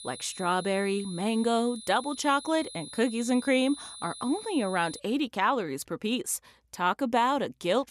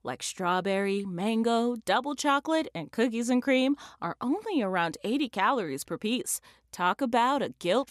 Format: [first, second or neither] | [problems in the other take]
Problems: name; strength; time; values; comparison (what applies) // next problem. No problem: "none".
second | high-pitched whine; noticeable; until 5 s; 4 kHz, 15 dB below the speech